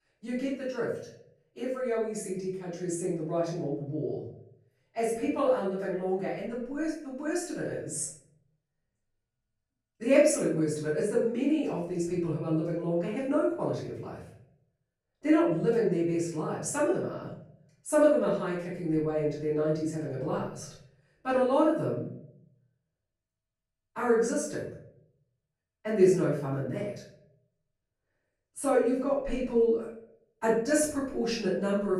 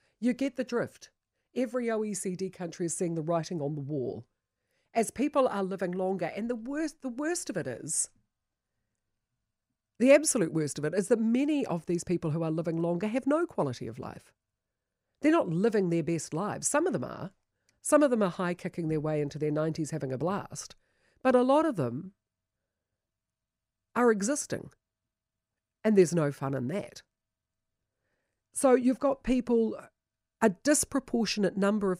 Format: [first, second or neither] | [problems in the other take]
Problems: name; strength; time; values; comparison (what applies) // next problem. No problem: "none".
second | off-mic speech; far // room echo; noticeable; dies away in 0.5 s